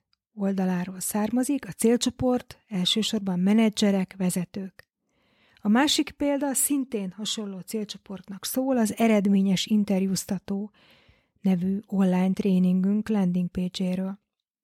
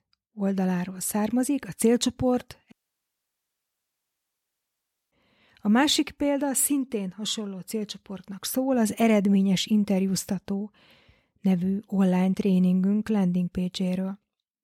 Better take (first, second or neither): first